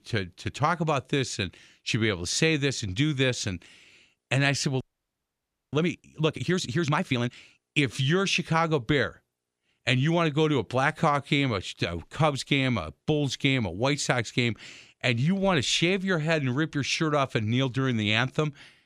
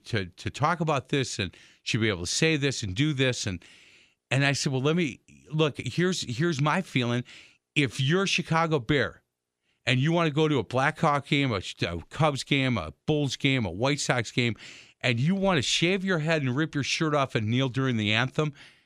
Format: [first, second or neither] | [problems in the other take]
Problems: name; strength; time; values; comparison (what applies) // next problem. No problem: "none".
second | audio freezing; at 5 s for 1 s